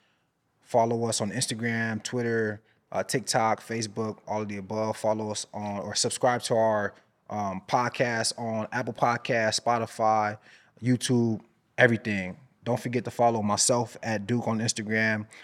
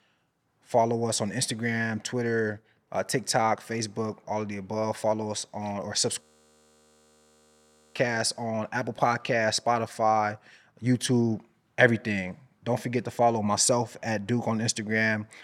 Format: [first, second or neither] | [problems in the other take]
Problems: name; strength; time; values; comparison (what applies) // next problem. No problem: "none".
first | audio freezing; at 6 s for 1.5 s